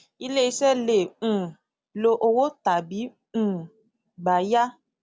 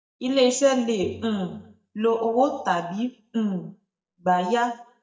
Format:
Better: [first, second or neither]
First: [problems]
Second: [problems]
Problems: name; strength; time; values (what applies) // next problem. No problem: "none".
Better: first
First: none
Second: noise reduction (neural mask model DeepFilterNet 3)